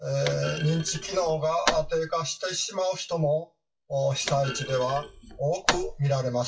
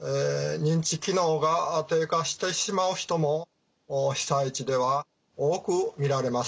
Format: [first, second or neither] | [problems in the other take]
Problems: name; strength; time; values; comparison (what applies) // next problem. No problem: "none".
second | noise reduction (classical method WPE with log-MMSE)